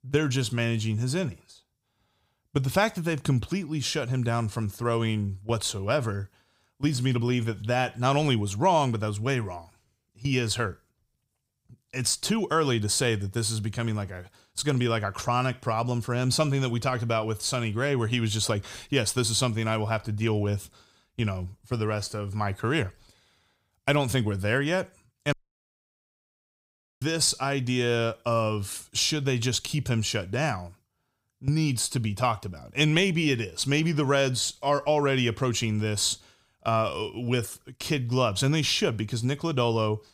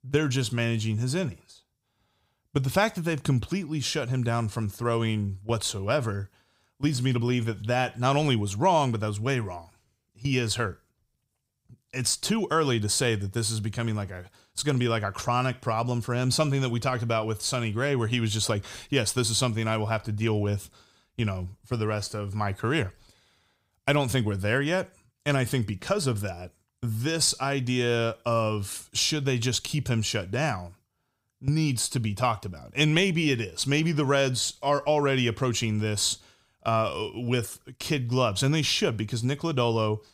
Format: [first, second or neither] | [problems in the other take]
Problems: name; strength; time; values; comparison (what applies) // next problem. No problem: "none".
second | audio cutting out; at 25 s for 1.5 s